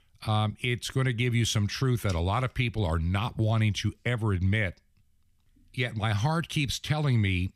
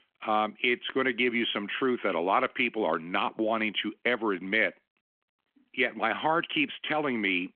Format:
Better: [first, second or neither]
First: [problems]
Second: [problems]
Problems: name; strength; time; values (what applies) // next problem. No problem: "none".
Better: first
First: none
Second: phone-call audio; nothing above 3.5 kHz